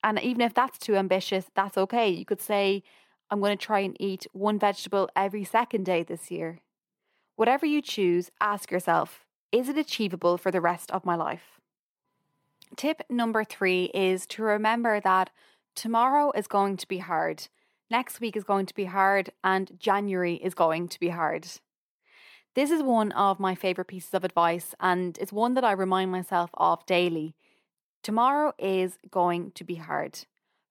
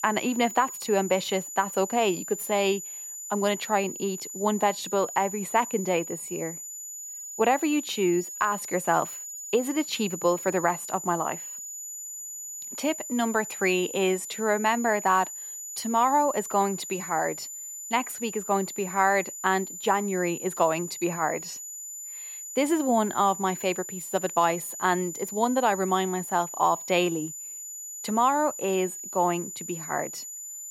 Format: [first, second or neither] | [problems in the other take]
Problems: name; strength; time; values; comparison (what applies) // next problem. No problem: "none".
first | high-pitched whine; loud; throughout; 7 kHz, 9 dB below the speech